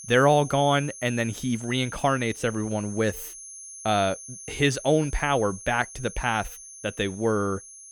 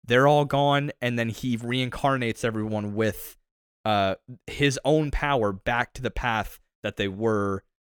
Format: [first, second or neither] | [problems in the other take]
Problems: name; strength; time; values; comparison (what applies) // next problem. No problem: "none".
second | high-pitched whine; noticeable; throughout; 6.5 kHz, 15 dB below the speech